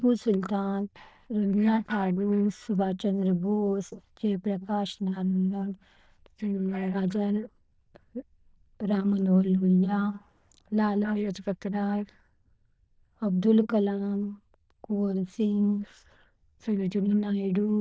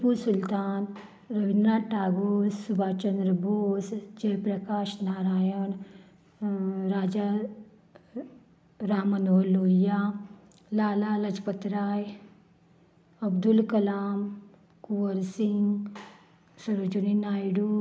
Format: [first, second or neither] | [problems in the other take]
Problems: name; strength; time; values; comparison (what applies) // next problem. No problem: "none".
second | noise reduction (neural diffusion model UNIVERSE++)